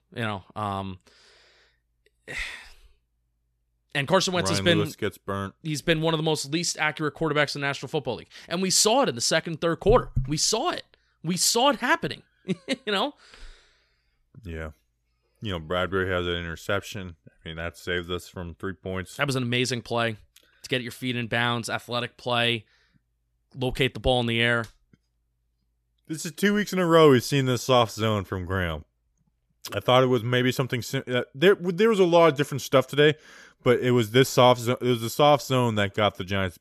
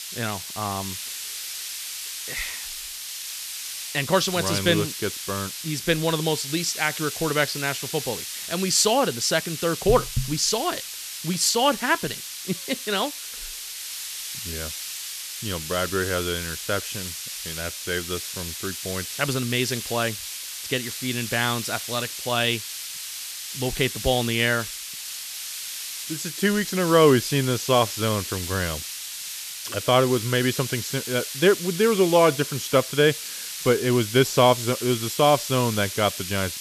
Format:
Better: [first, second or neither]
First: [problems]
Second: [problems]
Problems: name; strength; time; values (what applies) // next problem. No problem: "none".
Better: first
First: none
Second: hiss; loud; throughout; 7 dB below the speech